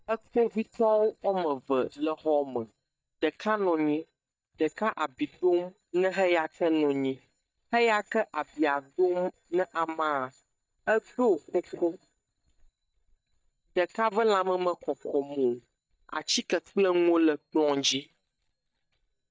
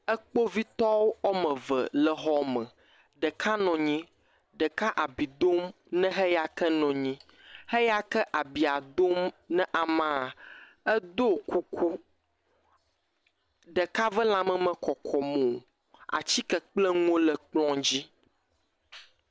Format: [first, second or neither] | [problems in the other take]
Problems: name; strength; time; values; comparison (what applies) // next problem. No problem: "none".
second | noise reduction (neural mask model DeepFilterNet 3)